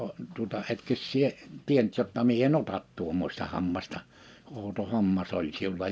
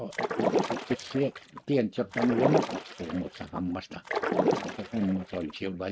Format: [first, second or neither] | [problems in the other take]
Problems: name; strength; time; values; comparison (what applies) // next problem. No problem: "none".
first | noise reduction (neural mask model RNNoise)